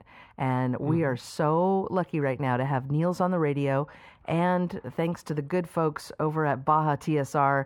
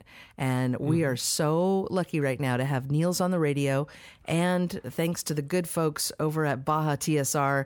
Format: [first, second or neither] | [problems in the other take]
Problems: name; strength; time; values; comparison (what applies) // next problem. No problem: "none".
second | muffled; very; fading above 3.5 kHz